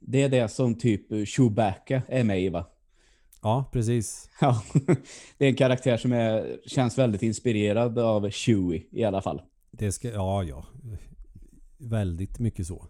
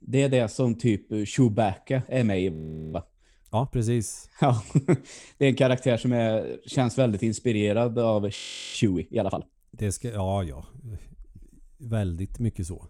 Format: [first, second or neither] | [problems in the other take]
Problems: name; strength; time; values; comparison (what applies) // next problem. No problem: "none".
first | audio freezing; at 2.5 s and at 8.5 s